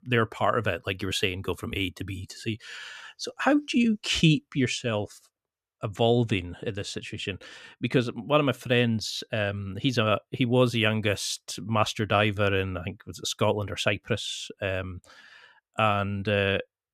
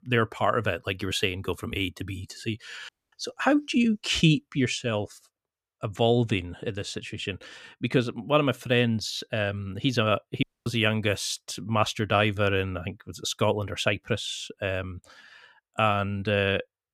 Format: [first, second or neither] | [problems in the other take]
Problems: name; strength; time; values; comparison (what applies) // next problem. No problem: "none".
first | audio cutting out; at 3 s and at 10 s